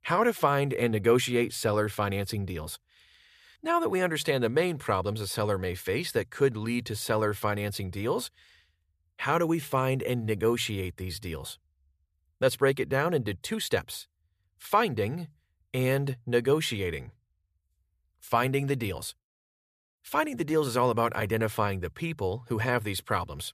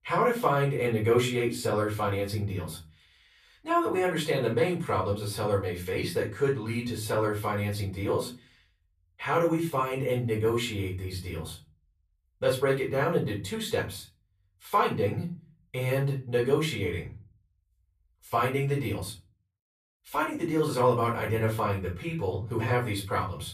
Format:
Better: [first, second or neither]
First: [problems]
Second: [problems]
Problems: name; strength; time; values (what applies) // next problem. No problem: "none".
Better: first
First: none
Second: off-mic speech; far // room echo; slight; dies away in 0.3 s